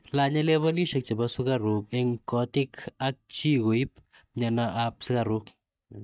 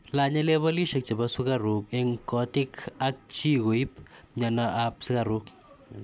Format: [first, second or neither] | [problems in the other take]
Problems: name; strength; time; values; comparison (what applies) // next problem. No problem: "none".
second | noise reduction (neural mask model DeepFilterNet 3)